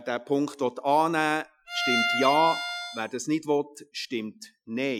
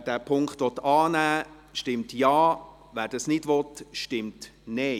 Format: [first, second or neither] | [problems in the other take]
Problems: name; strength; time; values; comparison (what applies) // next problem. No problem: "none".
second | noise reduction (classical method Wiener filter)